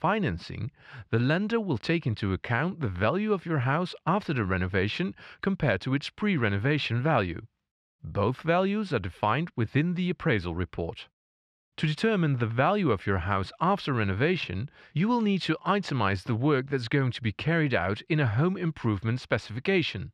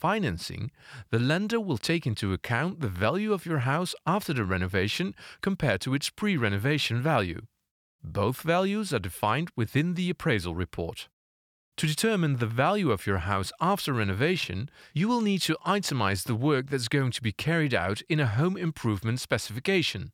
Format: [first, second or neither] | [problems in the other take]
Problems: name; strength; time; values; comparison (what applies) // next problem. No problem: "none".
second | muffled; slightly; fading above 3 kHz